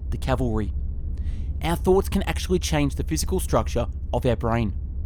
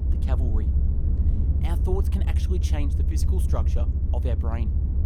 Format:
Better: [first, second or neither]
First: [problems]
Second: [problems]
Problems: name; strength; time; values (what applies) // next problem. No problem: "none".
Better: first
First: low rumble; faint; throughout; 20 dB below the speech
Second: low rumble; loud; throughout; 3 dB below the speech